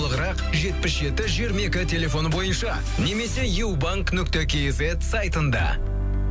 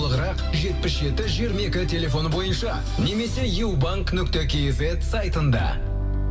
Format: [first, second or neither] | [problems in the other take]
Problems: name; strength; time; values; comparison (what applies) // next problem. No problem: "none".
first | room echo; dies away in 0.7 s